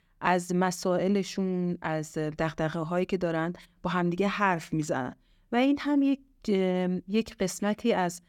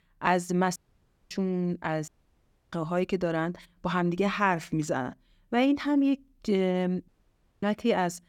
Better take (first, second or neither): first